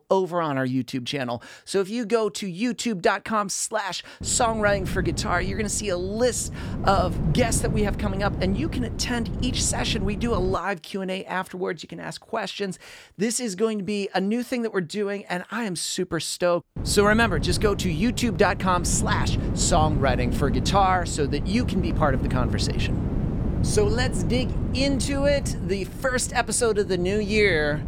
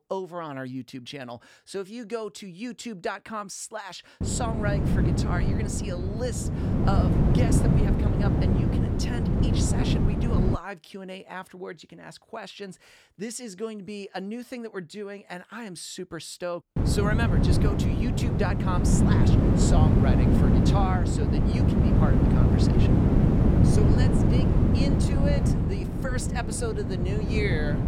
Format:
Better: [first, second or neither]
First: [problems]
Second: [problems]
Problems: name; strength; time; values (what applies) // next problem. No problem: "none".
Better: first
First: wind noise on the microphone; occasional gusts; from 4 to 11 s and from 17 s on; 10 dB below the speech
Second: wind noise on the microphone; heavy; from 4 to 11 s and from 17 s on; 3 dB above the speech